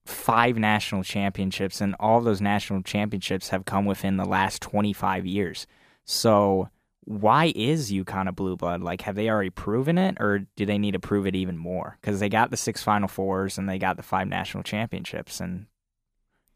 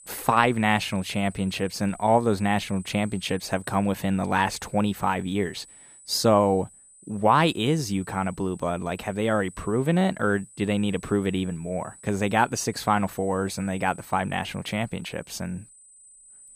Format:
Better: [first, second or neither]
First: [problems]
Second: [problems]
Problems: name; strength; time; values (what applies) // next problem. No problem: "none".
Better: first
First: none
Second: high-pitched whine; faint; throughout; 8 kHz, 20 dB below the speech